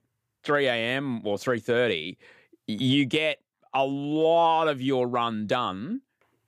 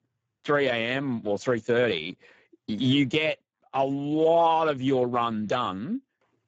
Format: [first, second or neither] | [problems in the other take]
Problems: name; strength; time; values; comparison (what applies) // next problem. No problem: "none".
first | garbled, watery; badly; nothing above 7.5 kHz